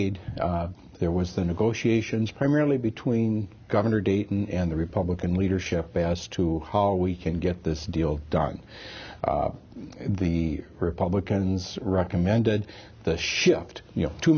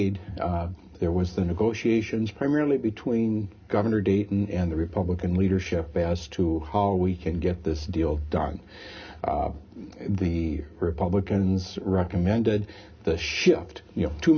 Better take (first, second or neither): first